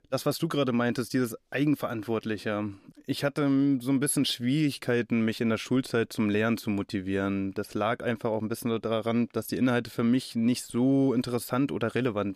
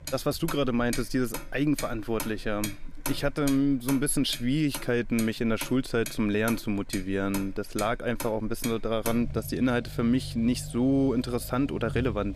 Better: first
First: none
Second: traffic noise; noticeable; throughout; 10 dB below the speech

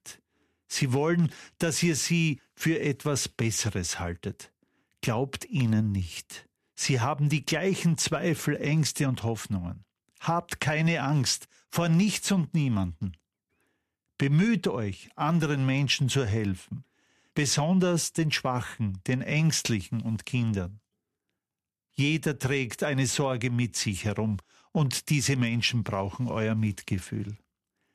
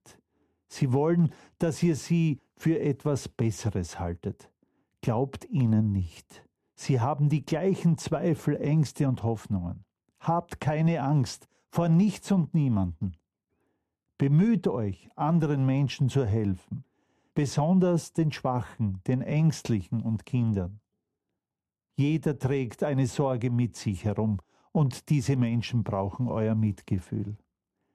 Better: first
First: none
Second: muffled; slightly; fading above 1 kHz

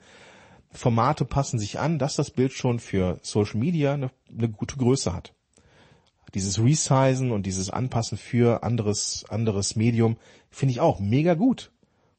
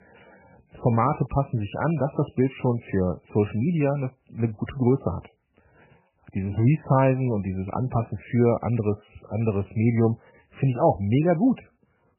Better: first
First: garbled, watery; slightly; nothing above 8 kHz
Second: garbled, watery; badly; nothing above 3 kHz

